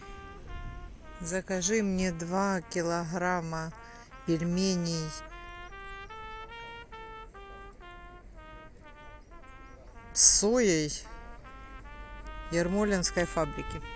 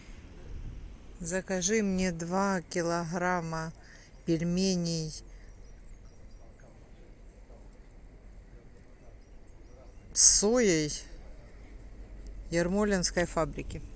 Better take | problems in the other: second | background sound (Trumpet); 17 dB below the speech

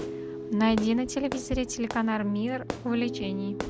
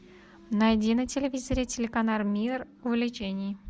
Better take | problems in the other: second | background sound (Fireworks + Piano); 8 dB below the speech

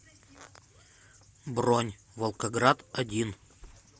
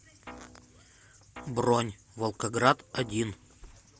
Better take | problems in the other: first | background sound (Guitar); 20 dB below the speech

